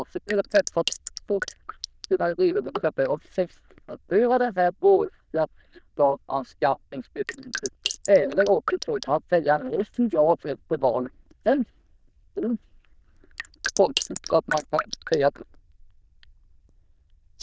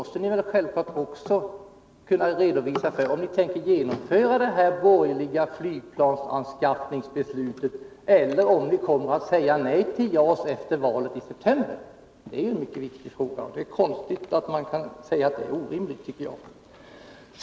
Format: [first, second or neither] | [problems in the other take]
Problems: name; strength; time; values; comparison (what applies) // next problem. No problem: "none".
second | noise reduction (neural diffusion model UNIVERSE++)